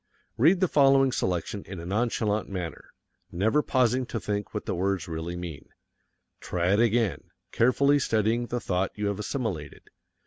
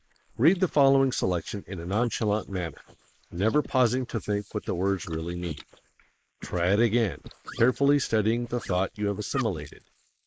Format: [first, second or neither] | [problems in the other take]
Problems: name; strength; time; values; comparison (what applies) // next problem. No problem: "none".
first | noise reduction (neural mask model Resemble Enhance denoiser)